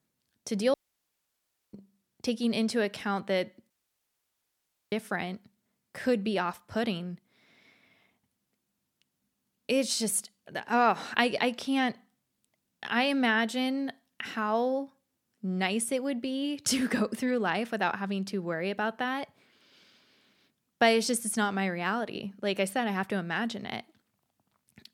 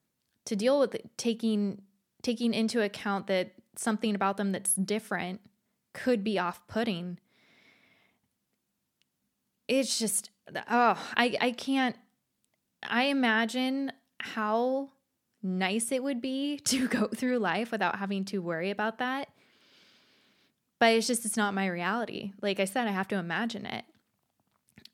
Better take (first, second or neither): second